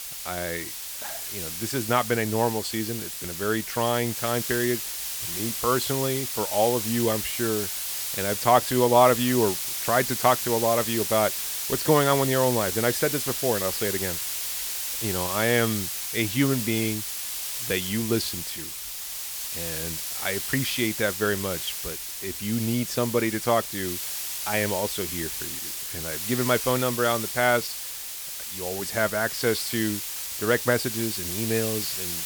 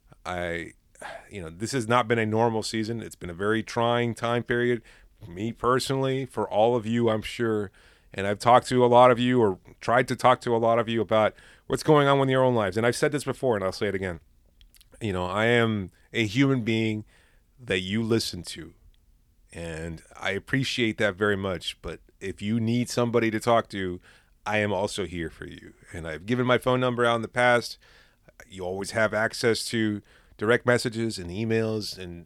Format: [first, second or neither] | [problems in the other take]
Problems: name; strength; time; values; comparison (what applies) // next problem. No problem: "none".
second | hiss; loud; throughout; 3 dB below the speech